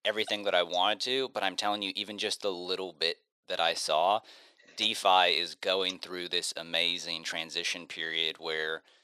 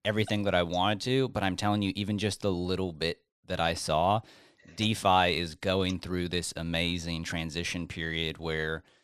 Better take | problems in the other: second | thin; somewhat; fading below 500 Hz

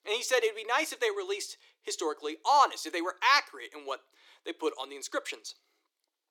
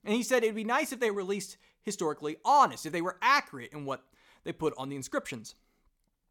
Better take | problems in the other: second | thin; very; fading below 300 Hz

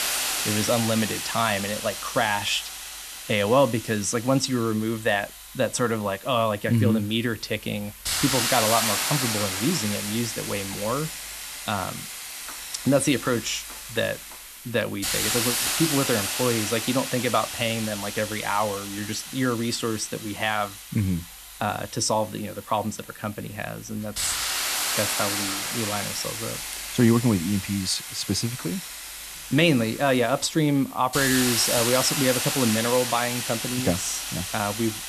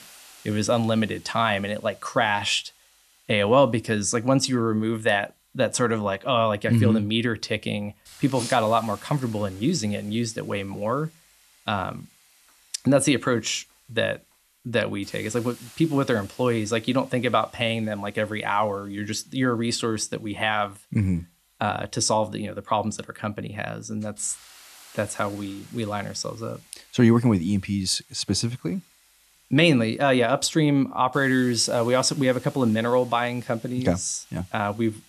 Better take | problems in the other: second | hiss; loud; throughout; 2 dB below the speech; faint in the second

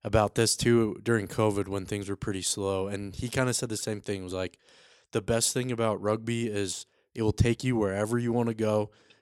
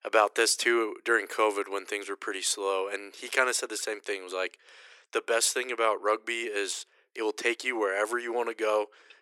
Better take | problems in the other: first | thin; very; fading below 350 Hz

